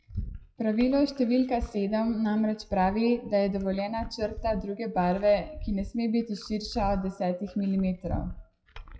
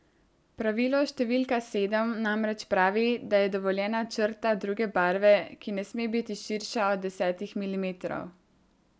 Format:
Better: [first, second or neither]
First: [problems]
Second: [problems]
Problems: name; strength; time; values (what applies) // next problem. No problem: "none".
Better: second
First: noise reduction (classical method WPE with log-MMSE)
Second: none